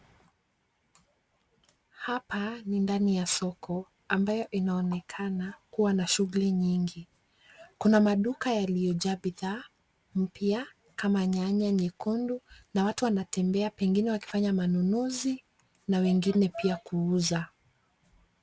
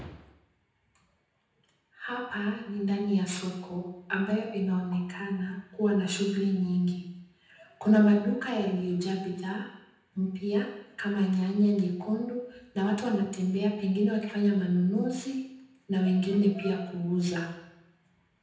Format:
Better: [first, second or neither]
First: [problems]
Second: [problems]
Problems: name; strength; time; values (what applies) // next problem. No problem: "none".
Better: first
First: none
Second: room echo; dies away in 0.9 s